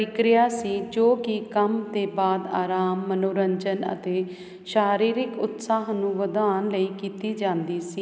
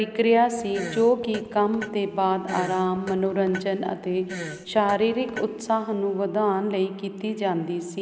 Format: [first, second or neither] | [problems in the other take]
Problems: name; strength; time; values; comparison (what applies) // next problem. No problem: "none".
first | background sound (Fart); 14 dB below the speech